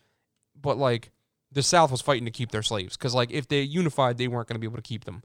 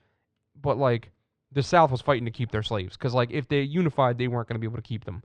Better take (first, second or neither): first